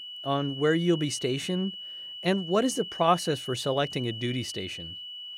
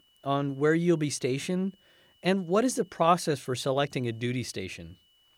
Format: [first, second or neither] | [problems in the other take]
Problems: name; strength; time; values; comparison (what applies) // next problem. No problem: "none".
second | high-pitched whine; loud; throughout; 3 kHz, 9 dB below the speech; faint in the second